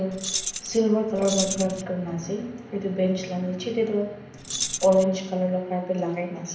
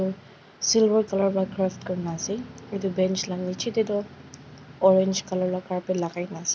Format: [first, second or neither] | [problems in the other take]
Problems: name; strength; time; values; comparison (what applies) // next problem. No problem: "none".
second | background sound (Keys jangling); 5 dB below the speech // room echo; dies away in 0.8 s